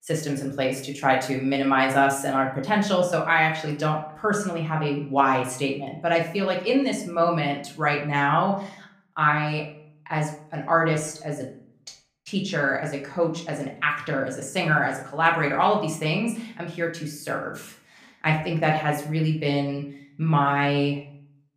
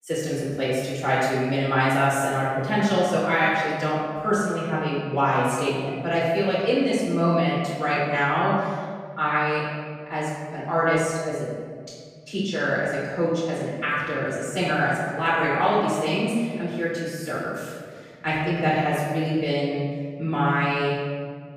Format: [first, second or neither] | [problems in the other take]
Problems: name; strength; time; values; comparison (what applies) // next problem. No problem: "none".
first | room echo; strong; dies away in 1.8 s; slight in the first // off-mic speech; far; somewhat distant in the first